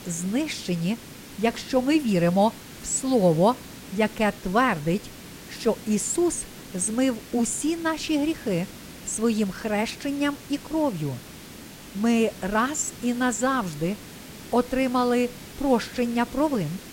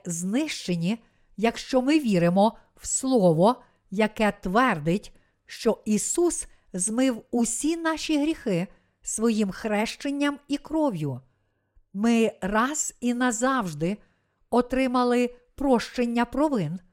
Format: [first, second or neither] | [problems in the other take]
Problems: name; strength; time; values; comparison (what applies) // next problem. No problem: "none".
second | hiss; noticeable; throughout; 15 dB below the speech